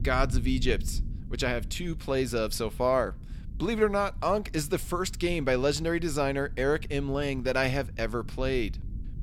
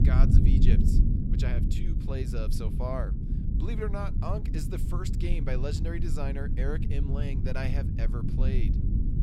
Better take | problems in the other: first | low rumble; loud; throughout; 2 dB below the speech; faint in the first

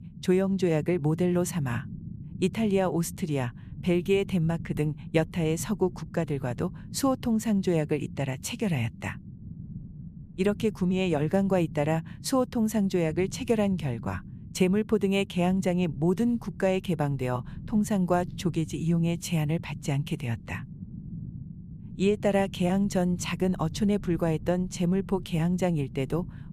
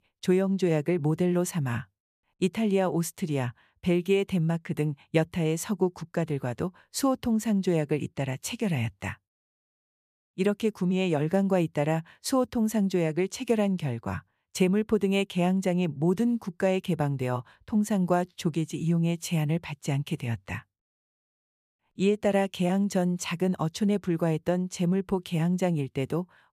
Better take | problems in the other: second | low rumble; faint; throughout; 20 dB below the speech

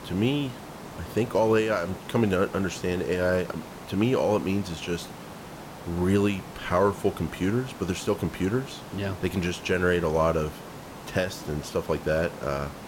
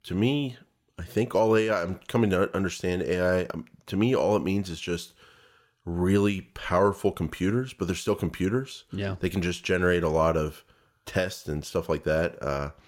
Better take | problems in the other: second | hiss; noticeable; throughout; 15 dB below the speech

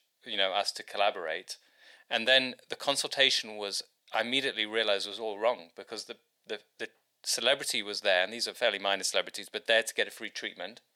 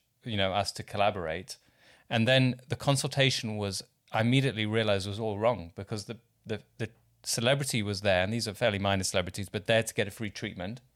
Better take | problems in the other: second | thin; somewhat; fading below 350 Hz

